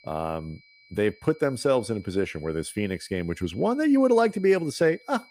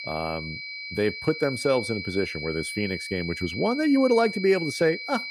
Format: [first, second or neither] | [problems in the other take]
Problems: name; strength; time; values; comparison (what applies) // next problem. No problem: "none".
first | high-pitched whine; loud; throughout; 2.5 kHz, 7 dB below the speech; faint in the first